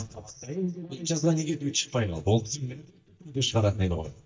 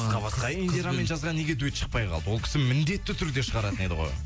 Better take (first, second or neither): second